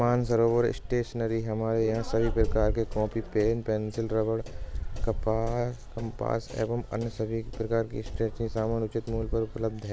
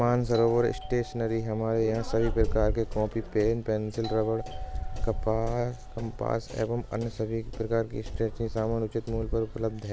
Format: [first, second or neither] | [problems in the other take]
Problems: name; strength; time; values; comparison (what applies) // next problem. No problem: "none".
first | background sound (Doorbell); 19 dB below the speech